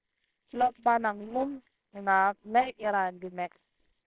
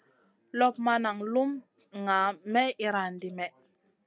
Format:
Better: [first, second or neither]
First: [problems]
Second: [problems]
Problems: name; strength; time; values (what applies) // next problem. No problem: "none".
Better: second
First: noise reduction (neural separator model SepFormer WHAMR!)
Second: none